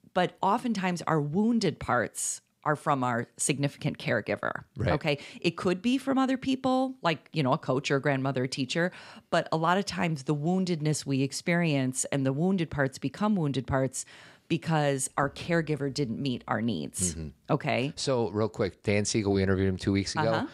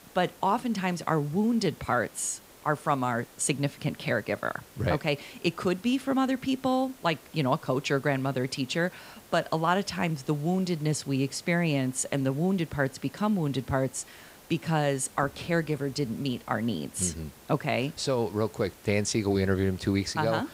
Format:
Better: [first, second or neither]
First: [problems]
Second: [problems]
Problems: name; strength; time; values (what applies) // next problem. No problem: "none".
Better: first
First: none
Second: hiss; faint; throughout; 20 dB below the speech